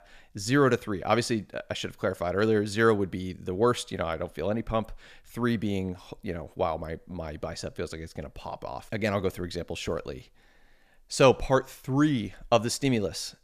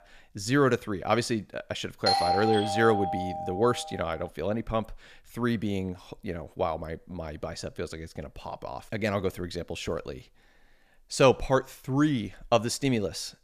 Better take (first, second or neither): first